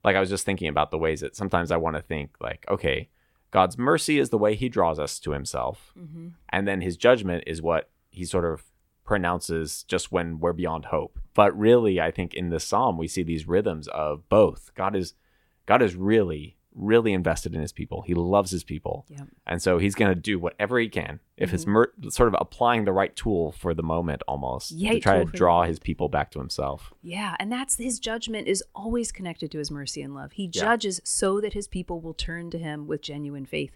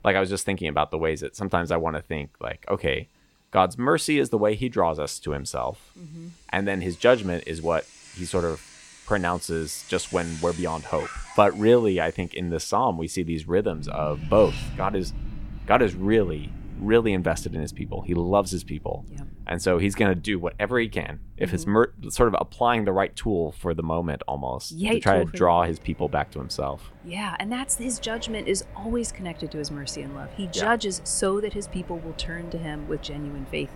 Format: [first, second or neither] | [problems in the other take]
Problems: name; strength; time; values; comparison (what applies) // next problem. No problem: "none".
first | traffic noise; noticeable; throughout; 15 dB below the speech